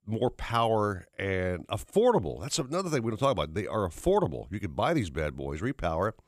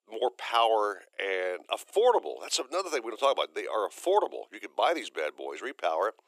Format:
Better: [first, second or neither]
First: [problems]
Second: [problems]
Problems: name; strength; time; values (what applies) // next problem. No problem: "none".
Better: first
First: none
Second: thin; very; fading below 350 Hz